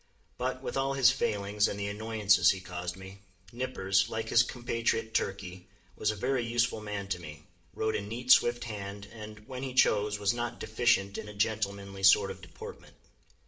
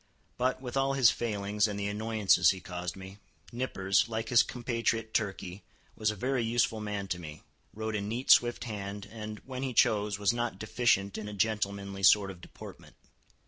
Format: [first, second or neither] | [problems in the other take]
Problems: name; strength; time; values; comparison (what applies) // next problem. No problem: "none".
second | room echo; dies away in 0.5 s